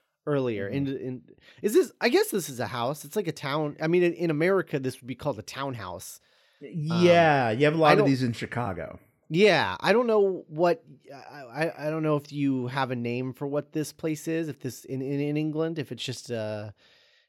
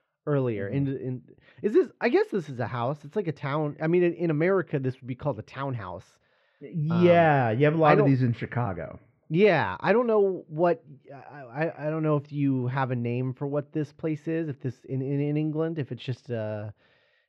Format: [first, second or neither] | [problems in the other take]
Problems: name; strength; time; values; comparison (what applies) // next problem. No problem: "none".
first | muffled; slightly; fading above 2 kHz